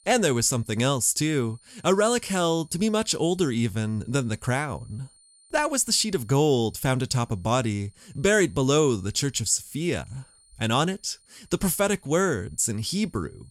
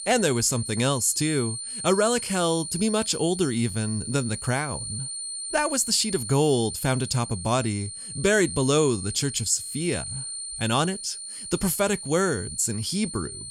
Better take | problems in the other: first | high-pitched whine; loud; throughout; 9 kHz, 8 dB below the speech; faint in the first

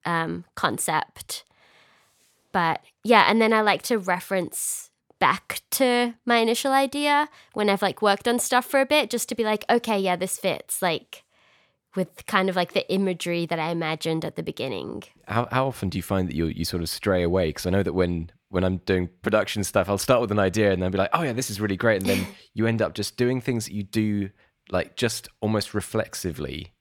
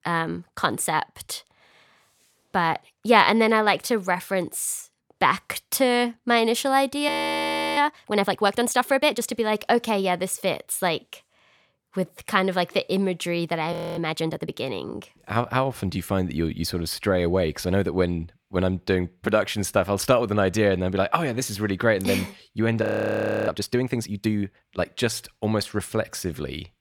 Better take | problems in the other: first | audio freezing; at 7 s for 0.5 s, at 14 s and at 23 s for 0.5 s

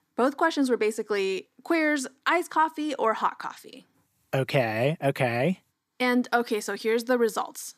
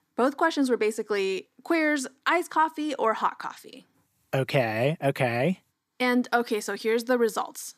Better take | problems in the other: neither | none

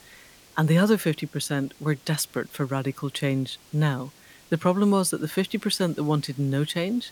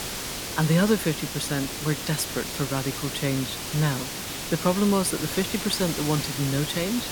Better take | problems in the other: first | hiss; loud; throughout; 4 dB below the speech; faint in the first

